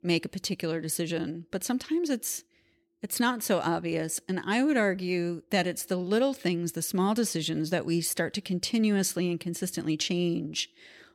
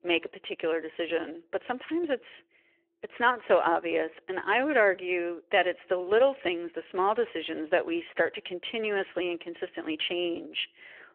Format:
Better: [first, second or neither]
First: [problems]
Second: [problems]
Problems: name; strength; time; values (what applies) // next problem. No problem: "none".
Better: first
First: none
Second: phone-call audio